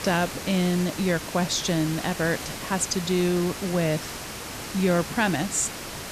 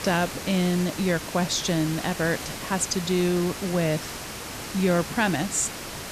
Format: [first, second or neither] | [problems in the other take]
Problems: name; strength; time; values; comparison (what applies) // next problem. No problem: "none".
neither | hiss; loud; throughout; 8 dB below the speech; the same in both